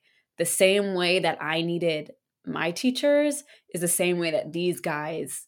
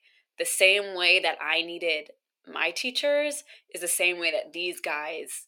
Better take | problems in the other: first | thin; somewhat; fading below 400 Hz

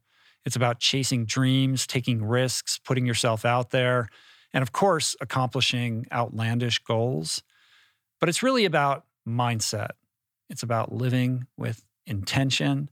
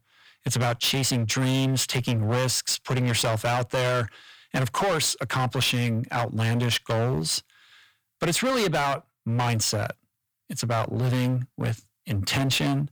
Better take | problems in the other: first | distortion; heavy; 20% of the sound clipped

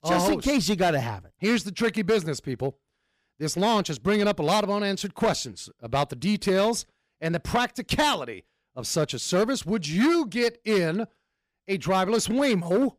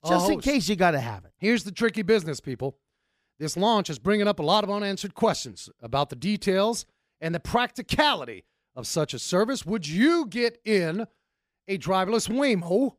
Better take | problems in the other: second | distortion; slight; 6% of the sound clipped

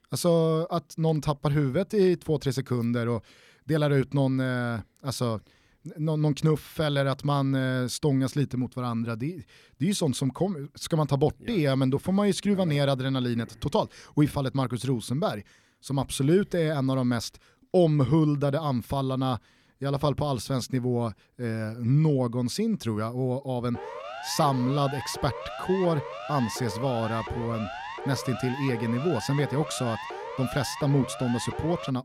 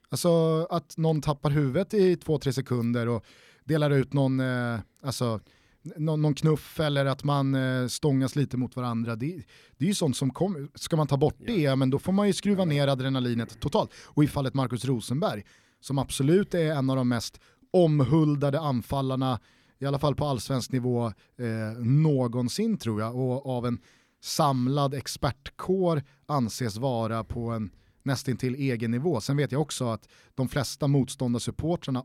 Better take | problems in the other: second | siren; noticeable; from 24 s on; peak 9 dB below the speech

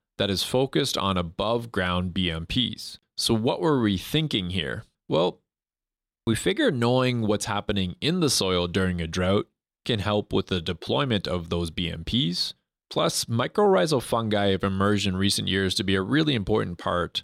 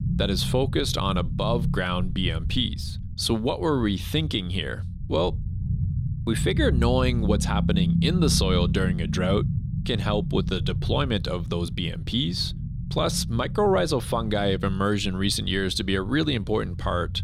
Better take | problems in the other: first | low rumble; noticeable; throughout; 15 dB below the speech

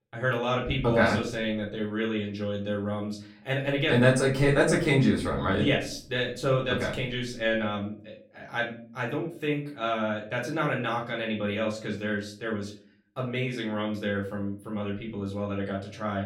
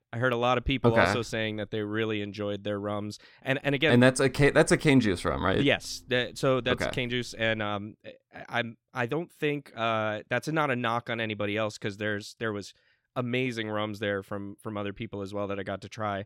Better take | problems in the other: second | off-mic speech; far // room echo; slight; dies away in 0.4 s

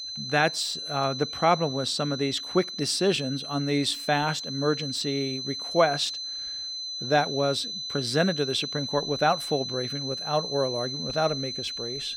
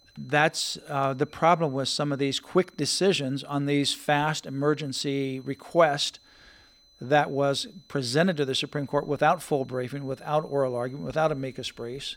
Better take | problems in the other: second | high-pitched whine; loud; throughout; 4 kHz, 5 dB below the speech; faint in the second

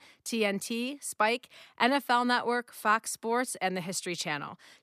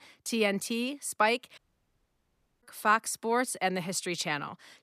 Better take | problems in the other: first | audio cutting out; at 1.5 s for 1 s

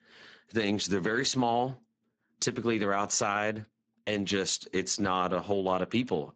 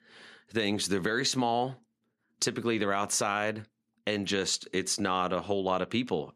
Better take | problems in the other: second | garbled, watery; badly; nothing above 7.5 kHz

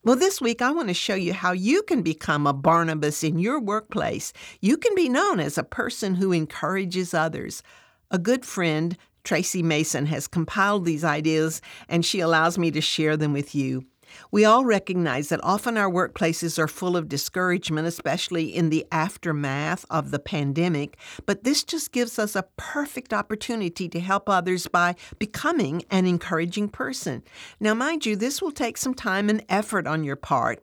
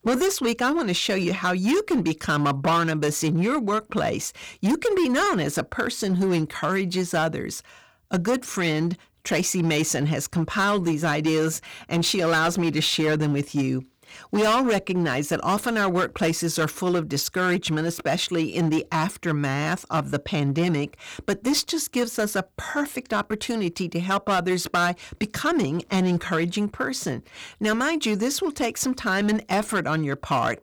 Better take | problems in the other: first | distortion; slight; 10% of the sound clipped

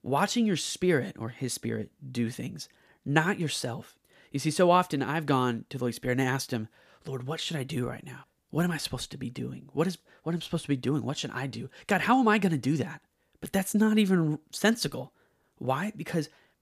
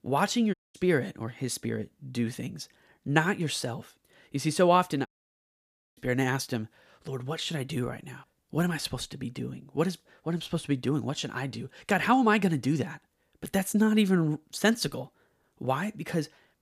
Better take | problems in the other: first | audio cutting out; at 0.5 s and at 5 s for 1 s

